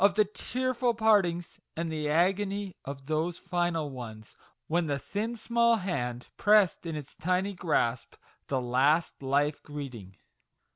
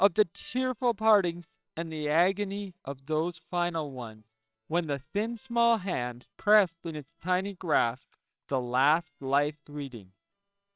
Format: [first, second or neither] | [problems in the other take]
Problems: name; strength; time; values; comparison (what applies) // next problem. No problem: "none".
first | noise reduction (neural separator model SepFormer WHAMR!)